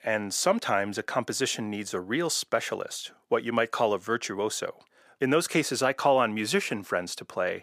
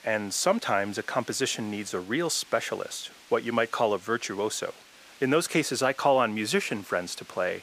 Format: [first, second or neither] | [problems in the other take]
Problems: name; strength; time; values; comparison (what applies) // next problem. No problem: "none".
first | hiss; faint; throughout; 20 dB below the speech